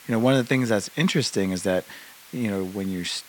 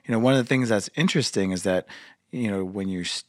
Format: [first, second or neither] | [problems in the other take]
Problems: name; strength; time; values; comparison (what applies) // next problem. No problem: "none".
second | hiss; faint; throughout; 20 dB below the speech